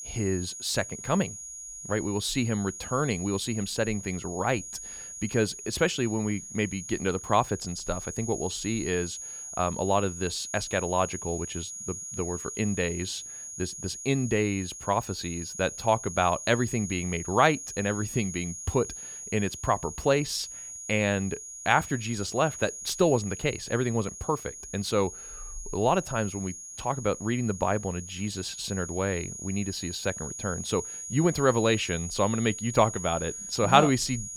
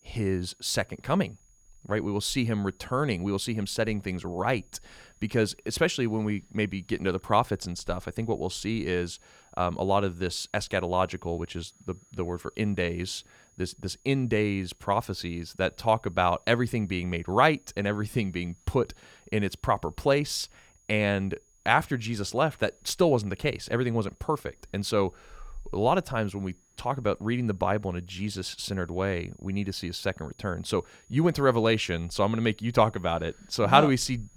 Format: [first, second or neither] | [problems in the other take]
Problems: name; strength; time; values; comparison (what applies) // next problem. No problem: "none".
second | high-pitched whine; loud; throughout; 6.5 kHz, 9 dB below the speech; faint in the second